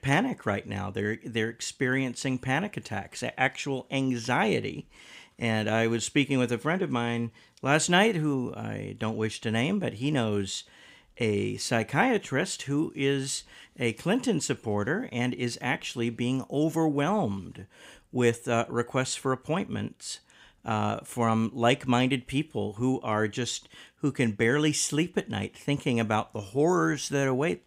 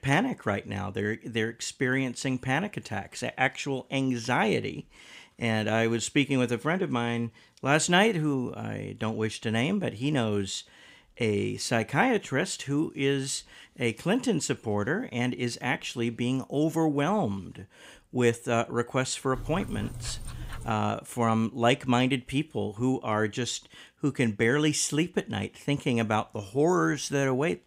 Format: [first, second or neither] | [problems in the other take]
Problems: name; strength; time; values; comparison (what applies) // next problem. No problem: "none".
first | dog barking; faint; from 19 to 21 s; peak 10 dB below the speech